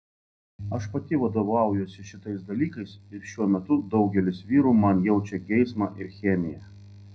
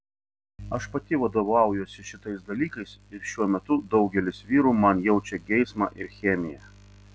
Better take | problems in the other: second | room echo; dies away in 0.4 s

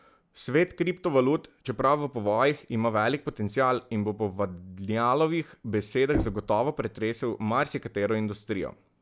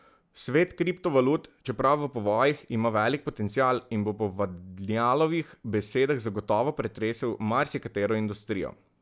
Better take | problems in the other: second | background sound (Knock); 10 dB below the speech

